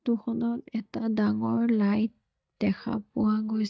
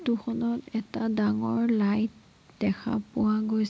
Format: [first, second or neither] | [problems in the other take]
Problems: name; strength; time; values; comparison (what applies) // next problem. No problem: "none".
second | noise reduction (neural mask model DeepFilterNet 3)